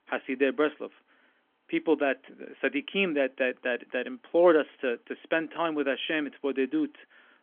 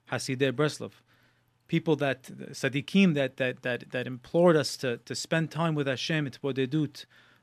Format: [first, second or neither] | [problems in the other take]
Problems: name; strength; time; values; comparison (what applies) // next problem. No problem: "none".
second | phone-call audio; nothing above 3.5 kHz